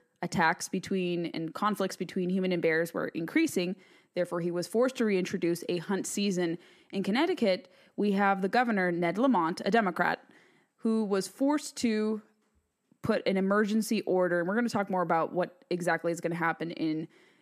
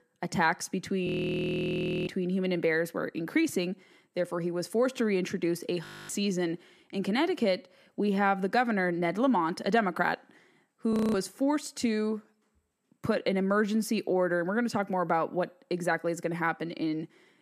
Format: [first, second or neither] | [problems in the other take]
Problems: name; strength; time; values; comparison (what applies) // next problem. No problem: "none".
first | audio freezing; at 1 s for 1 s, at 6 s and at 11 s